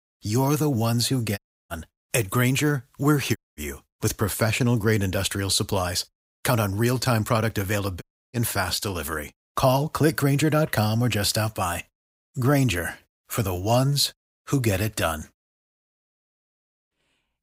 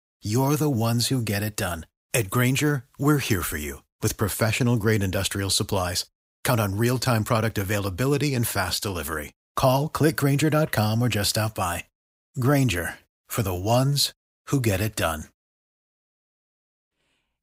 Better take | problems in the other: second | audio cutting out; at 1.5 s, at 3.5 s and at 8 s

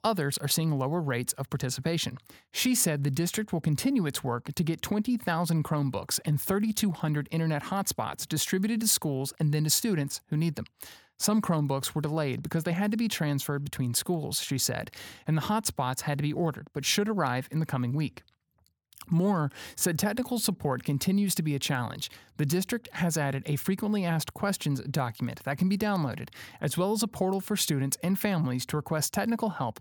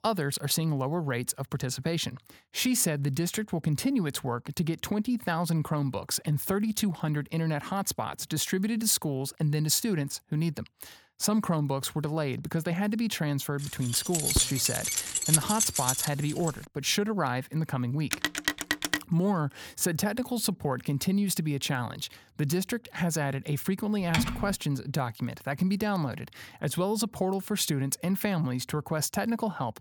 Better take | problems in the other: first | jangling keys; loud; from 14 to 16 s; peak 6 dB above the speech // phone ringing; loud; at 18 s; peak 1 dB above the speech // keyboard typing; noticeable; at 24 s; peak level with the speech

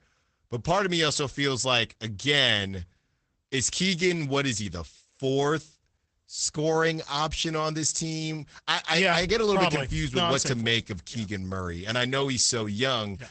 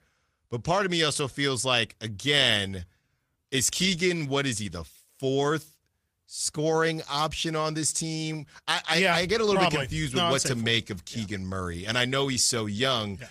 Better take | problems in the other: second | garbled, watery; badly; nothing above 8 kHz; slightly in the second

